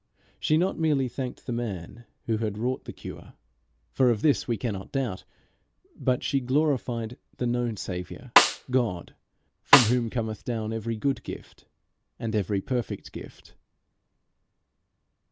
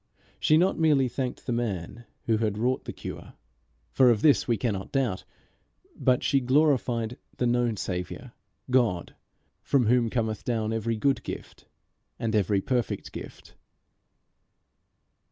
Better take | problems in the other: second | background sound (Snare drum); 5 dB above the speech

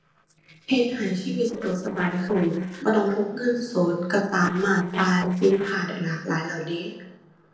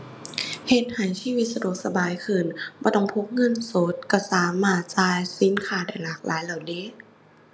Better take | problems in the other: second | noise reduction (neural separator model SepFormer DNS4)

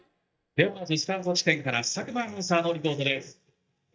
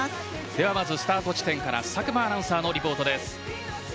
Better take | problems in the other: second | noise reduction (neural mask model DeepFilterNet 3)

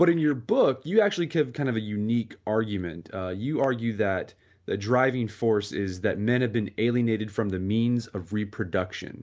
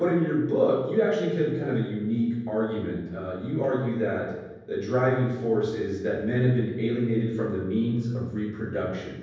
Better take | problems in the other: first | room echo; dies away in 1.1 s

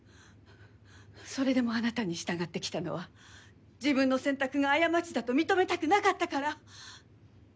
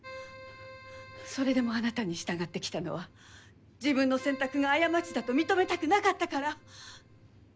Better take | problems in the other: first | background sound (Keyboard (musical)); 18 dB below the speech

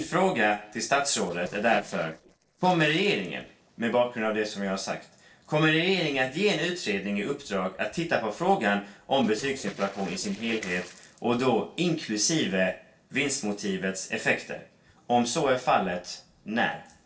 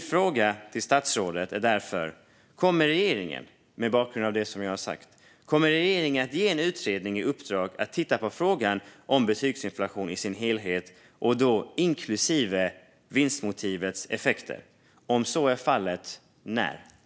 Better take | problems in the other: second | noise reduction (neural separator model SepFormer DNS4)

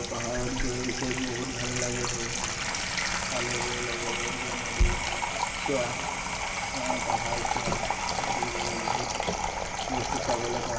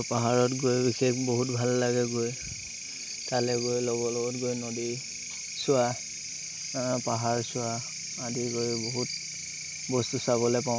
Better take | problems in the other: second | background sound (Sink (filling or washing) / Water tap, faucet); 5 dB above the speech // room echo; dies away in 2.4 s

